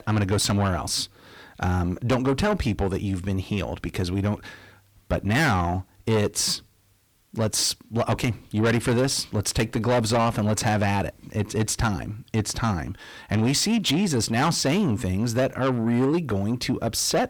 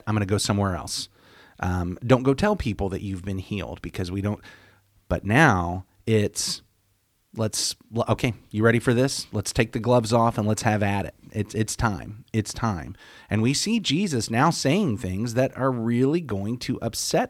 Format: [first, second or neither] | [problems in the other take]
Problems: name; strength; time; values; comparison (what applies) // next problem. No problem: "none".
second | distortion; heavy; 7 dB below the speech